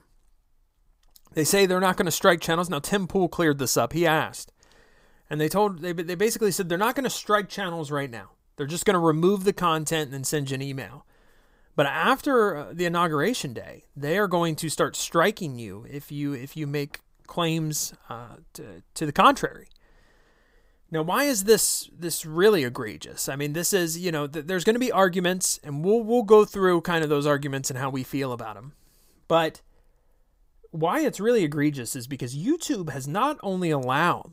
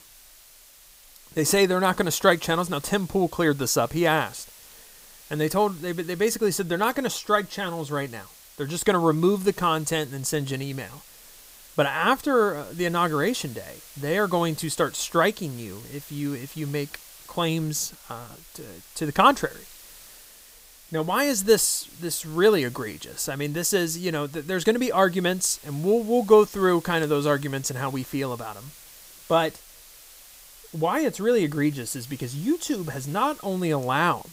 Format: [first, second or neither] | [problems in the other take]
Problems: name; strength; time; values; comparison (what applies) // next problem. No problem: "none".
first | hiss; faint; throughout; 20 dB below the speech